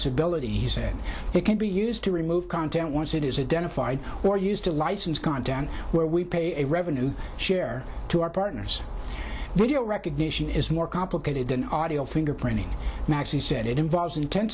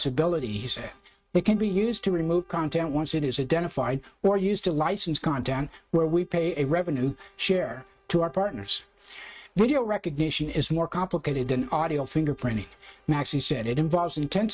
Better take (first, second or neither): first